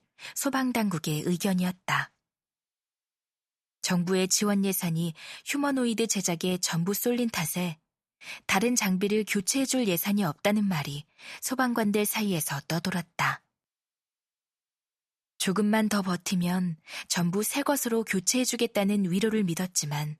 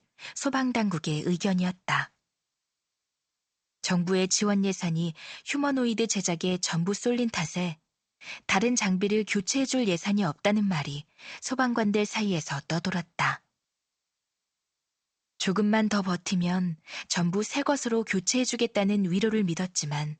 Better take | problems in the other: first | garbled, watery; slightly; nothing above 7.5 kHz

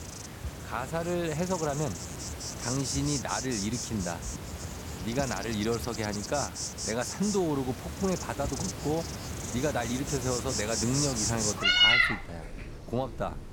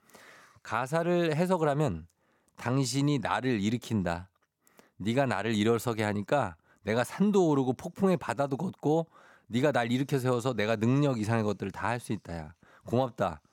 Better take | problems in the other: second | animal sounds; very loud; throughout; 2 dB above the speech

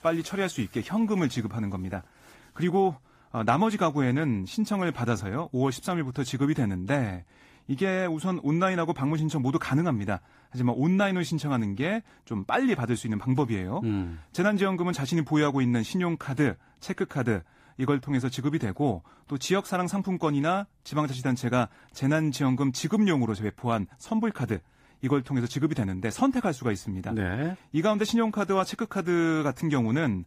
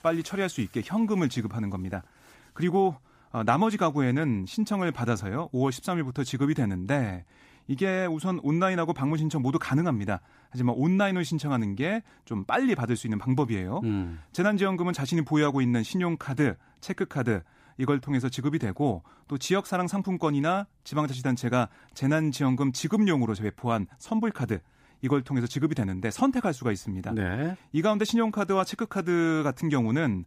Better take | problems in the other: second | garbled, watery; slightly; nothing above 15 kHz

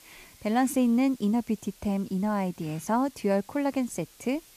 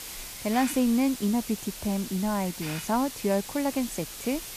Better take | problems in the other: first | hiss; loud; throughout; 9 dB below the speech; faint in the first

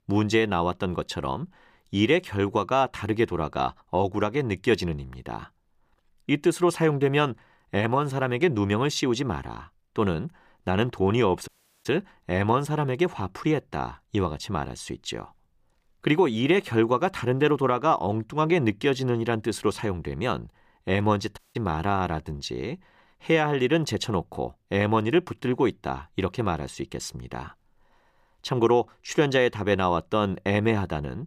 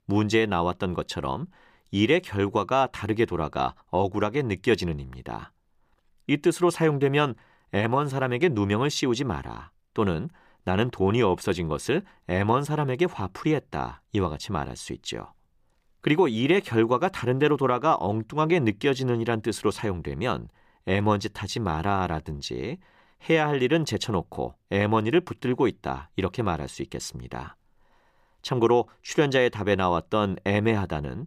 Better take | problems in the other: second | audio cutting out; at 11 s and at 21 s

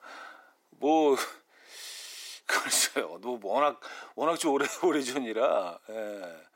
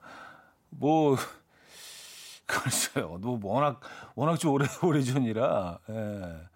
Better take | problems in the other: second | thin; somewhat; fading below 350 Hz

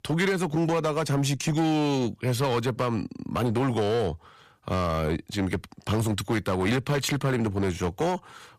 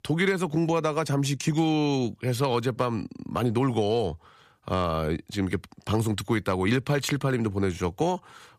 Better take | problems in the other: second | distortion; slight; 12% of the sound clipped

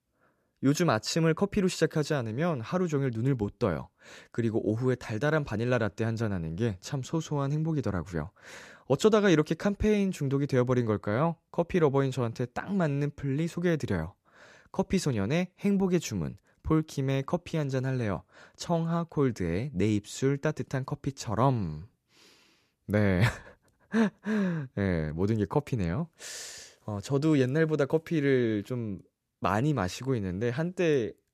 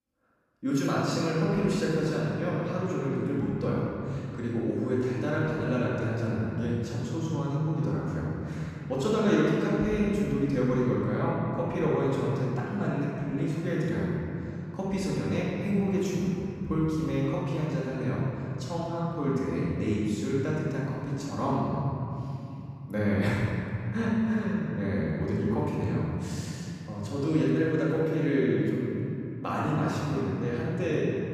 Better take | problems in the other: first | off-mic speech; far // room echo; strong; dies away in 3 s

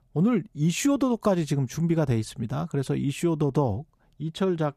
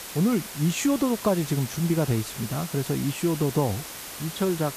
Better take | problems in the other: first | hiss; loud; throughout; 10 dB below the speech

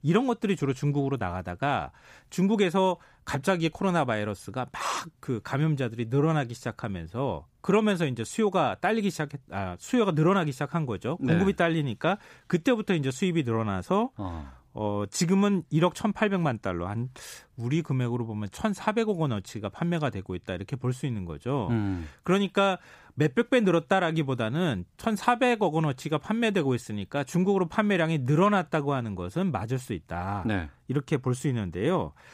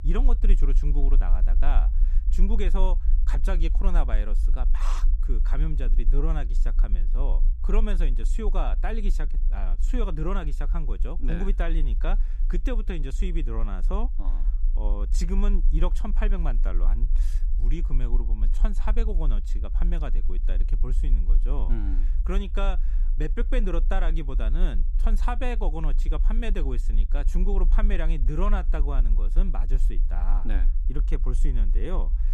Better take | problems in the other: first | low rumble; noticeable; throughout; 15 dB below the speech

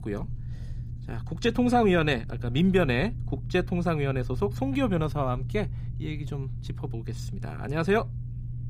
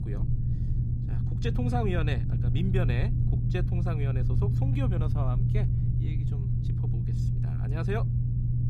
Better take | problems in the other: first | low rumble; loud; throughout; 3 dB below the speech; faint in the first

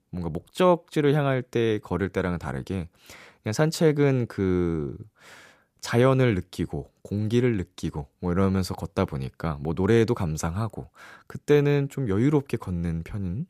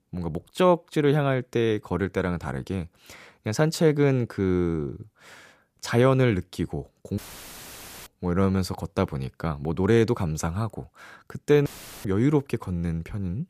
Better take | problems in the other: first | audio cutting out; filled with static; at 7 s for 1 s and at 12 s

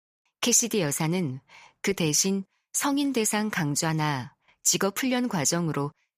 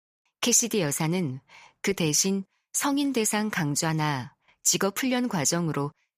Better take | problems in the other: neither | none

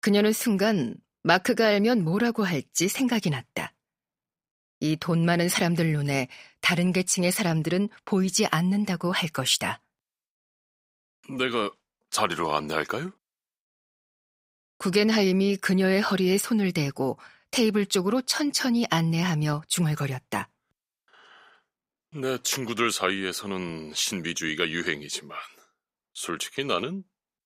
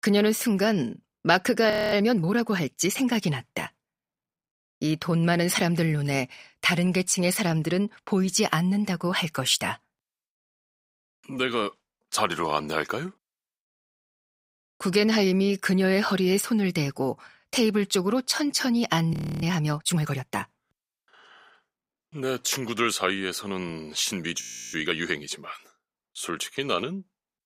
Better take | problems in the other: first | audio freezing; at 1.5 s, at 19 s and at 24 s

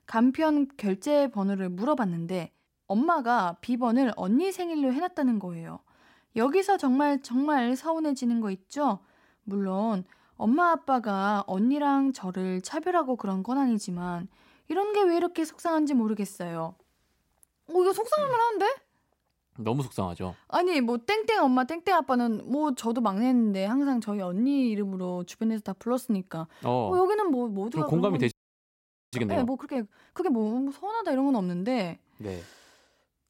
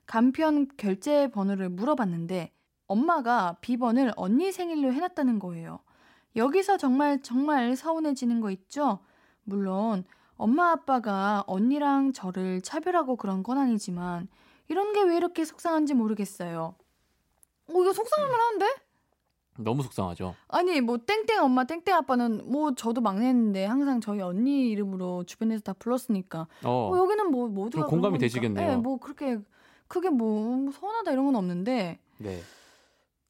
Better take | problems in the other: second | audio freezing; at 28 s for 1 s

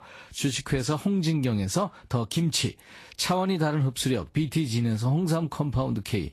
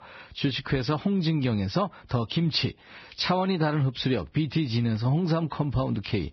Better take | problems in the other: first | garbled, watery; badly; nothing above 5.5 kHz; slightly in the first

